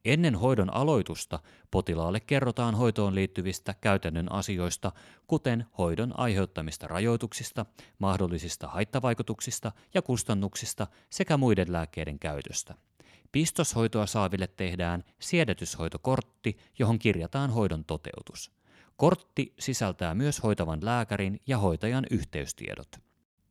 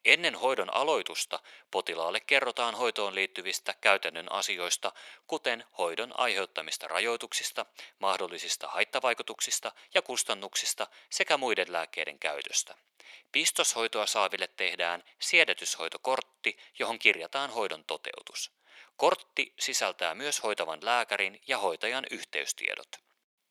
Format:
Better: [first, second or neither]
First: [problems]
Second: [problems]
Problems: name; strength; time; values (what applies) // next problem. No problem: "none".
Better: first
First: none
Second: thin; very; fading below 550 Hz